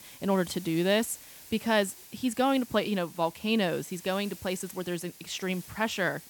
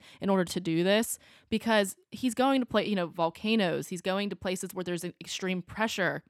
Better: second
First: hiss; noticeable; throughout; 15 dB below the speech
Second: none

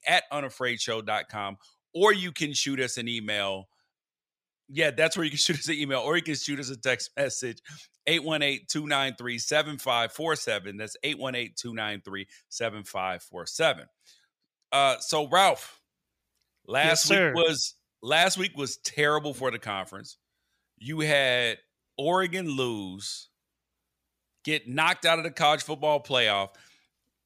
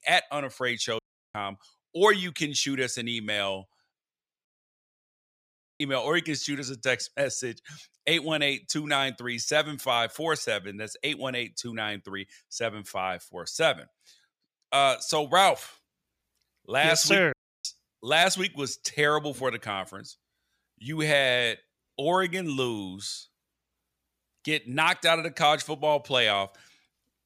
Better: first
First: none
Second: audio cutting out; at 1 s, at 4.5 s for 1.5 s and at 17 s

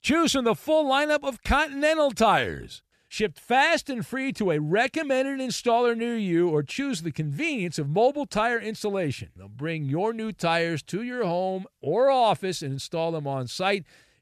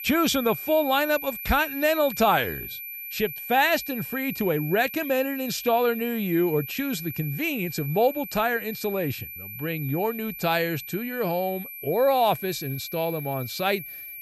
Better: first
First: none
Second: high-pitched whine; loud; throughout; 12 kHz, 9 dB below the speech

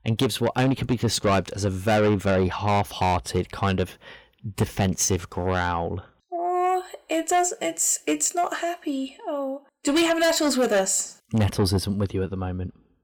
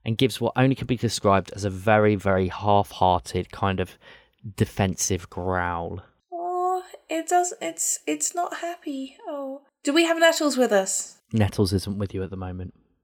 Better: second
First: distortion; heavy; 8 dB below the speech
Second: none

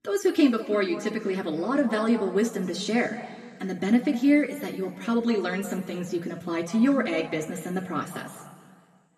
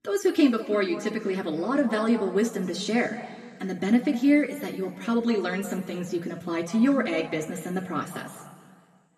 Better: neither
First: room echo; slight; dies away in 1.8 s // off-mic speech; somewhat distant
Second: room echo; slight; dies away in 1.8 s // off-mic speech; somewhat distant

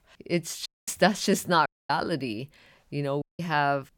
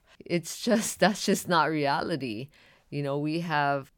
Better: second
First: audio cutting out; at 0.5 s, at 1.5 s and at 3 s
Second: none

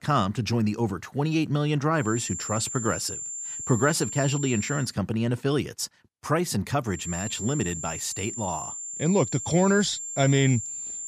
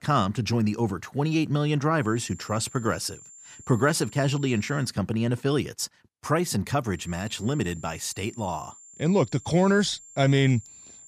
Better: second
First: high-pitched whine; loud; from 2 to 5 s and from 7 s on; 7.5 kHz, 6 dB below the speech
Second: high-pitched whine; faint; from 2 to 5 s and from 7 s on; 7.5 kHz, 20 dB below the speech

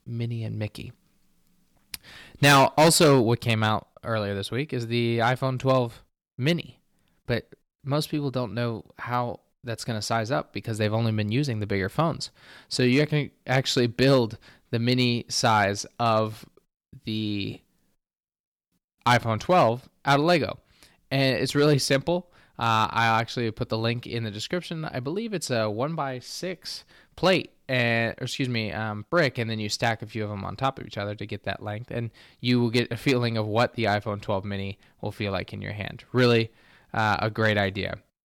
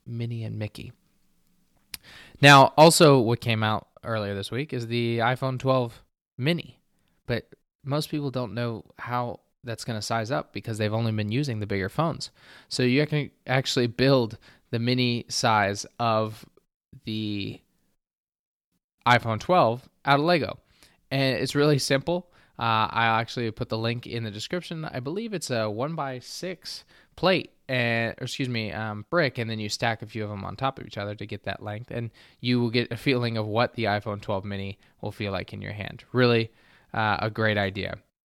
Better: second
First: distortion; slight; 1.2% of the sound clipped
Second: none

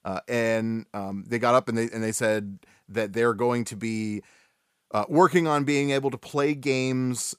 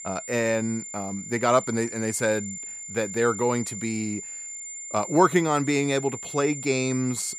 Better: first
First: none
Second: high-pitched whine; loud; throughout; 7 kHz, 9 dB below the speech

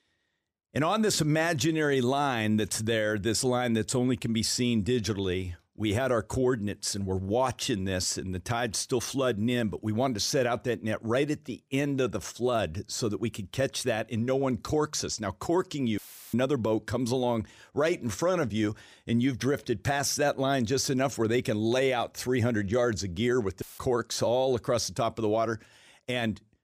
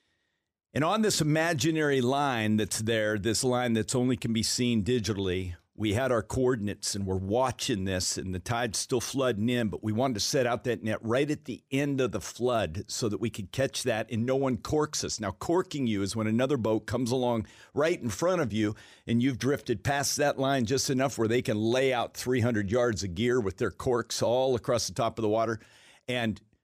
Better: second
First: audio cutting out; filled with static; at 16 s and at 24 s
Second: none

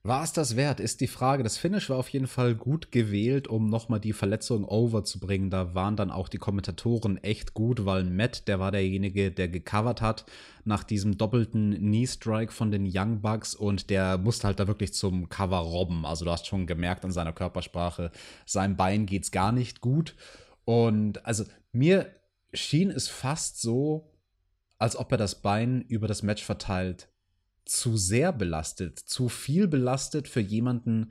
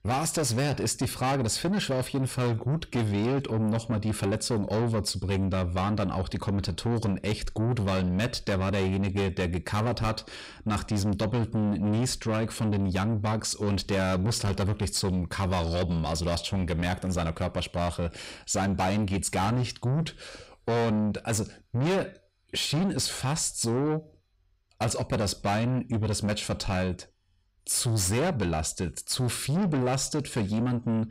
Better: first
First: none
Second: distortion; heavy; 8 dB below the speech

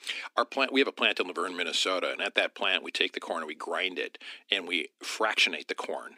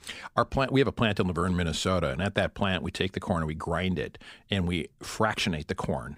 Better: second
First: thin; somewhat; fading below 250 Hz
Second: none

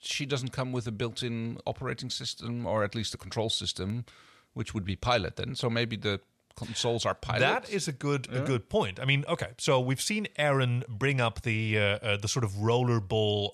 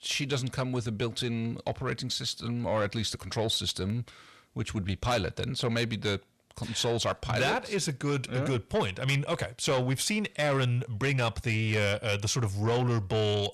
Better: first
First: none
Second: distortion; slight; 10 dB below the speech

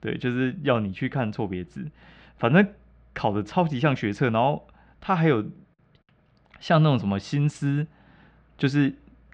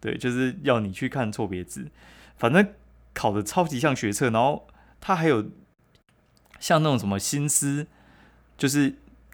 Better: second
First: muffled; slightly; fading above 4 kHz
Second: none

